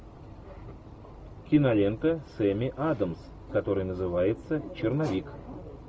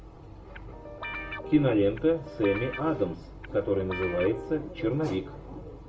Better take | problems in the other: first | background sound (Guitar); 11 dB below the speech // room echo; dies away in 0.7 s

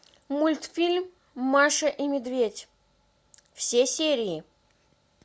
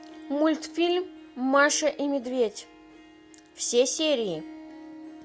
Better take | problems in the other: first | background sound (Harp); 18 dB below the speech

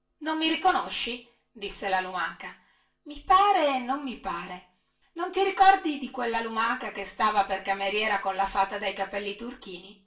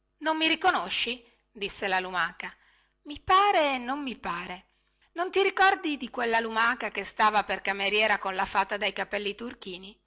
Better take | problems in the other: second | room echo; dies away in 0.3 s

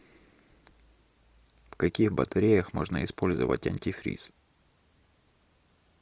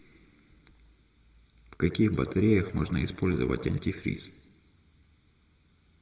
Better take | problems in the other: first | room echo; dies away in 1.1 s

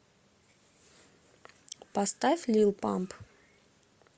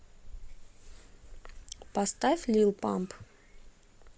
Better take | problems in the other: first | background sound (Frog); 15 dB below the speech

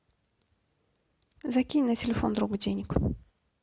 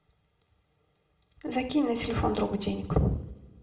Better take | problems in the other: first | room echo; dies away in 0.7 s

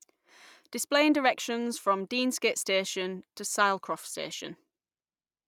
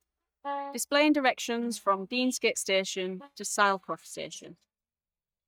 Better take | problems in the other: first | noise reduction (neural mask model DeepFilterNet 3)

